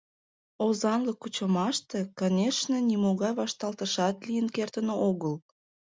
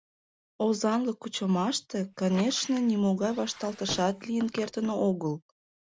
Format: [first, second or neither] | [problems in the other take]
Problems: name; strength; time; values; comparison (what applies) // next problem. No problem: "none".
first | background sound (Squeak); 17 dB below the speech